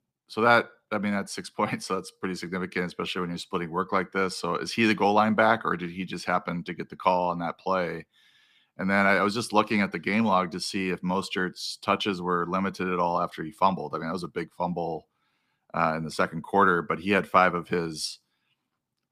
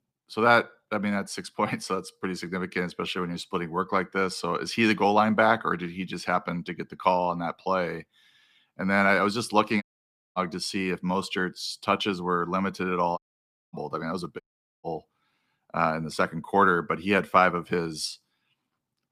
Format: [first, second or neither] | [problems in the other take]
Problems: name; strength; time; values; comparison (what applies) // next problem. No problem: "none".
first | audio cutting out; at 10 s for 0.5 s, at 13 s for 0.5 s and at 14 s